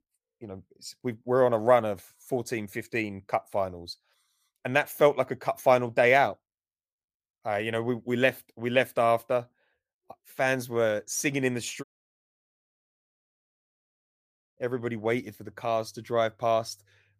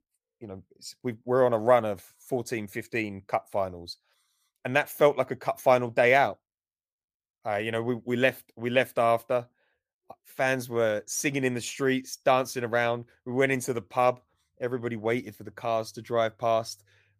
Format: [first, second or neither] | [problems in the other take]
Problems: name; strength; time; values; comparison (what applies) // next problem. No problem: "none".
second | audio cutting out; at 12 s for 2.5 s